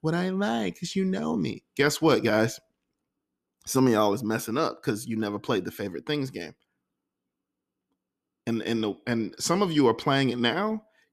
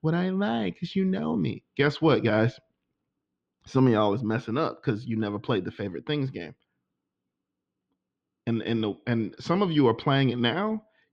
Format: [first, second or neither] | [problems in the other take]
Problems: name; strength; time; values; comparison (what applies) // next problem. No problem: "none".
first | muffled; slightly; fading above 3.5 kHz